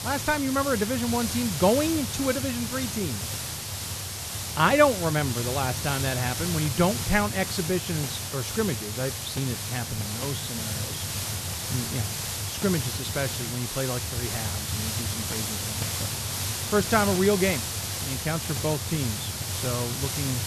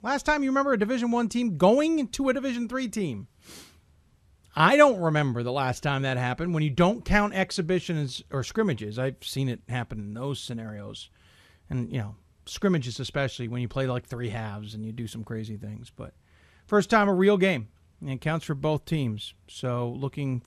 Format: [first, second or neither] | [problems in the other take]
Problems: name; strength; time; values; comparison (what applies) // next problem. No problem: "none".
second | hiss; loud; throughout; 2 dB below the speech